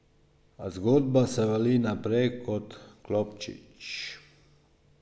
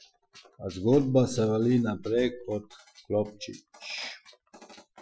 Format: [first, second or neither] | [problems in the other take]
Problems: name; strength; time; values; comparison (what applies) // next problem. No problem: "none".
first | noise reduction (classical method Wiener filter)